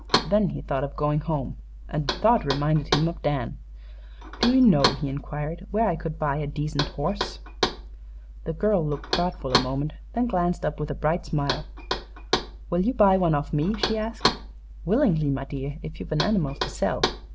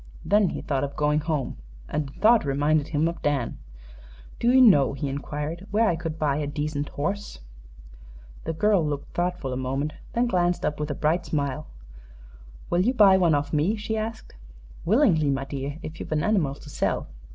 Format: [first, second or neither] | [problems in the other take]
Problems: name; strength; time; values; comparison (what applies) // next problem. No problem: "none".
second | background sound (Knock); 7 dB below the speech